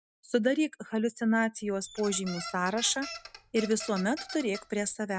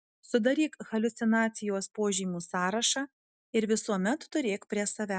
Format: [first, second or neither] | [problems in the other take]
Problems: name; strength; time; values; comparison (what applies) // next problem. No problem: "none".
second | background sound (Squeak); 14 dB below the speech